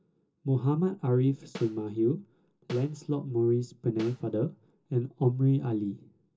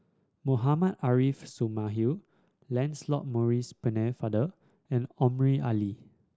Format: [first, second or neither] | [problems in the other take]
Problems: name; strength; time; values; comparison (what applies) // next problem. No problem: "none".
second | background sound (Snare drum); 19 dB below the speech // room echo; dies away in 0.2 s